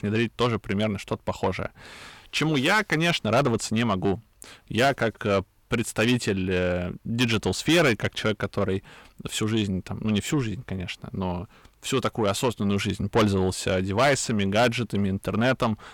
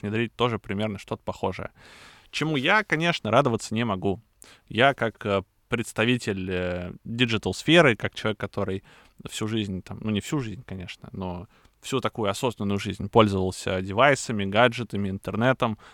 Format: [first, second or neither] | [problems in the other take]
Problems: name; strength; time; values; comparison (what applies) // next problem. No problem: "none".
second | distortion; heavy; 7 dB below the speech